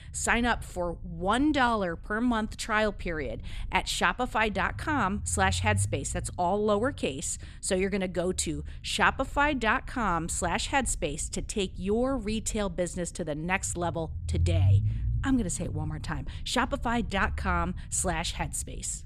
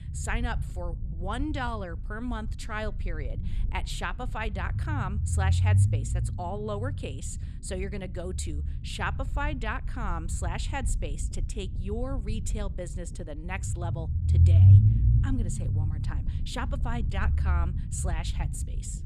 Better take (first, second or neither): first